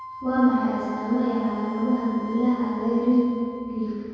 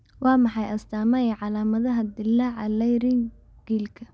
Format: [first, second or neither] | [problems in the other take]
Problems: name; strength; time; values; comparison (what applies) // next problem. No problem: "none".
second | background sound (Wind instrument, woodwind instrument); 14 dB below the speech // room echo; dies away in 2.2 s